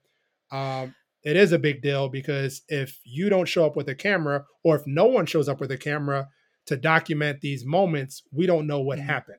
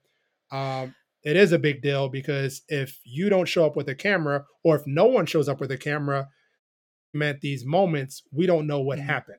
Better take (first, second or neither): first